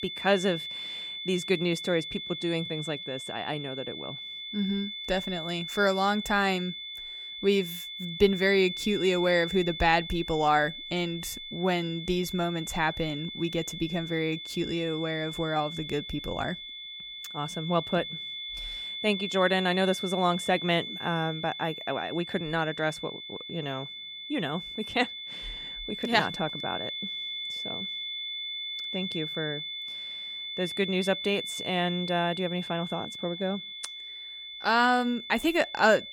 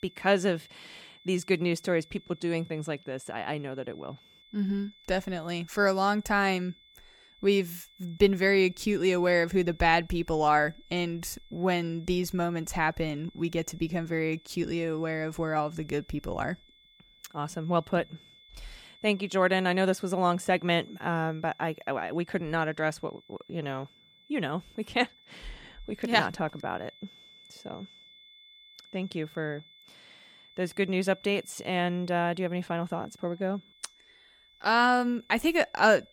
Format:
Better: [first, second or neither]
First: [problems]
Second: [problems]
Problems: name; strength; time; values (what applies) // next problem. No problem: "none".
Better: second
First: high-pitched whine; loud; throughout; 3.5 kHz, 7 dB below the speech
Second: high-pitched whine; faint; throughout; 3.5 kHz, 25 dB below the speech